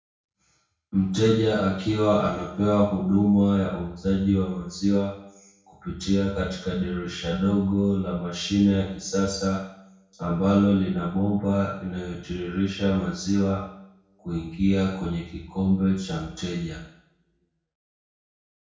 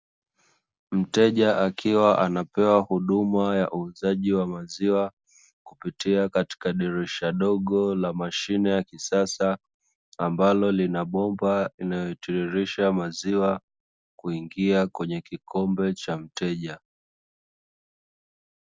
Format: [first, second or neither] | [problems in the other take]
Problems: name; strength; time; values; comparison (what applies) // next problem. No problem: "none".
second | room echo; dies away in 0.6 s